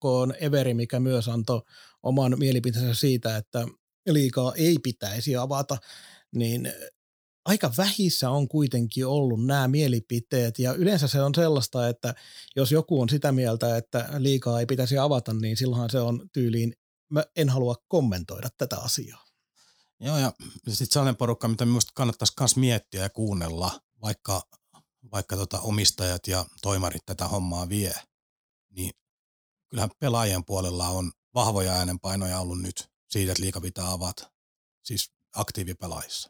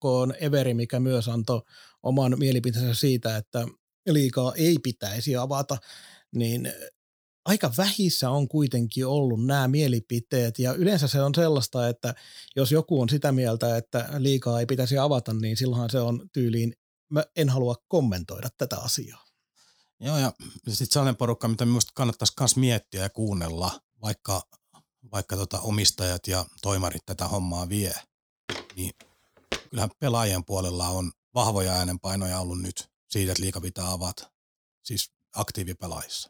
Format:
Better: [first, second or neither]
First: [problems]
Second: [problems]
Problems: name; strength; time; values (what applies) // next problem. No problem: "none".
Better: first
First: none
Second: footsteps; noticeable; from 28 to 30 s; peak 8 dB below the speech